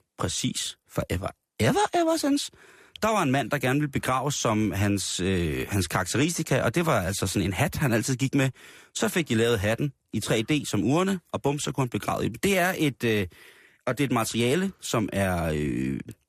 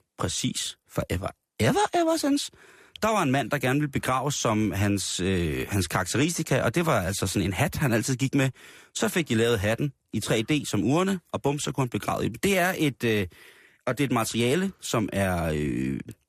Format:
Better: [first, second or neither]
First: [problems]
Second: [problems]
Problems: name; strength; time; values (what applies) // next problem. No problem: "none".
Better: neither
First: none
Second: none